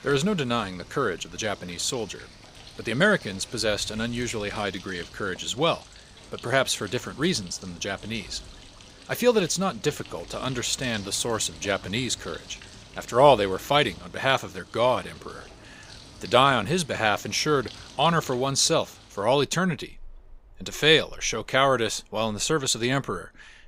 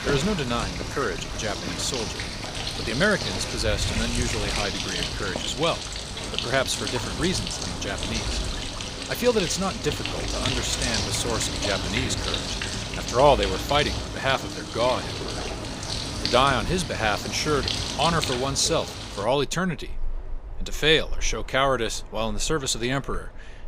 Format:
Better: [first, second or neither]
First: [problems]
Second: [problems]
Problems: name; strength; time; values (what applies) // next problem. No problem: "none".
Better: first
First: animal sounds; faint; throughout; 20 dB below the speech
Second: animal sounds; loud; throughout; 3 dB below the speech